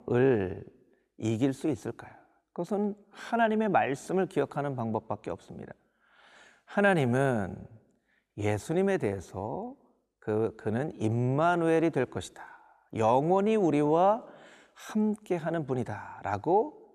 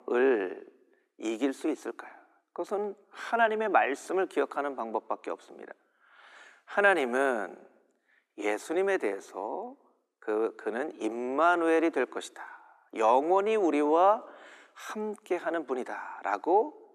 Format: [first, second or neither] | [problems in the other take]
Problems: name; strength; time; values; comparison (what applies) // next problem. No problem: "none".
first | thin; somewhat; fading below 250 Hz